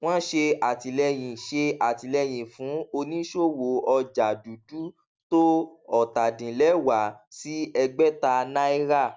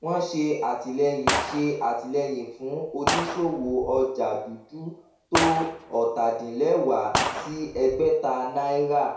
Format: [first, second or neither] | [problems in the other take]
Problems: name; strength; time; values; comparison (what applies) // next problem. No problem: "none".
first | background sound (Gunshot, gunfire); 7 dB below the speech // room echo; dies away in 0.6 s